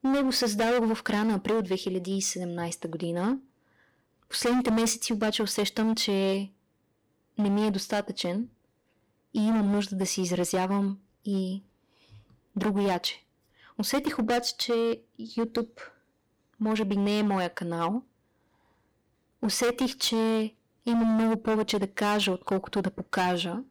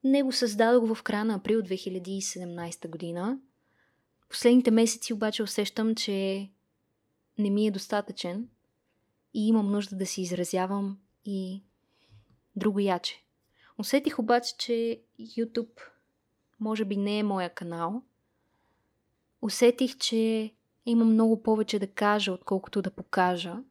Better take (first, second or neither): second